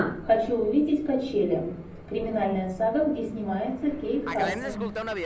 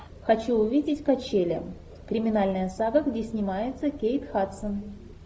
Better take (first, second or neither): second